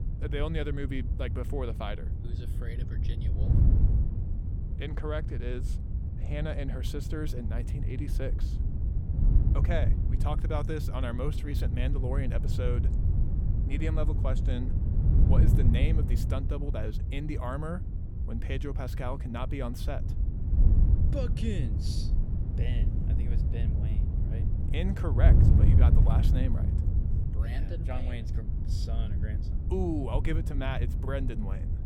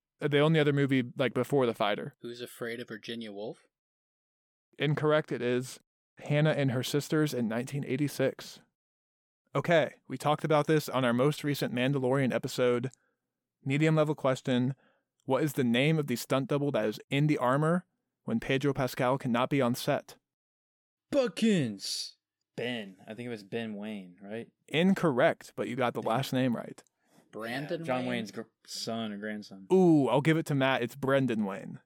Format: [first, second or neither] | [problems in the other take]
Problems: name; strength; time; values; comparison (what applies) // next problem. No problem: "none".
second | wind noise on the microphone; heavy; 5 dB below the speech